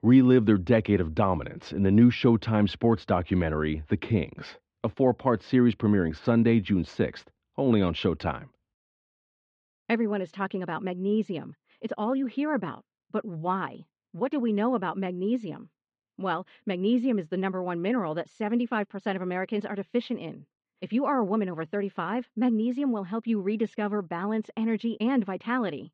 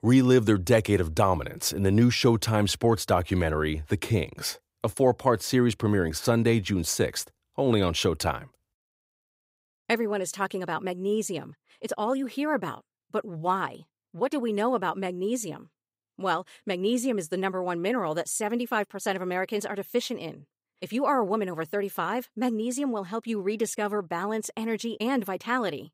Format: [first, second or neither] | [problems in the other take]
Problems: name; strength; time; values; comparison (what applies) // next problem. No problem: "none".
second | muffled; slightly; fading above 3.5 kHz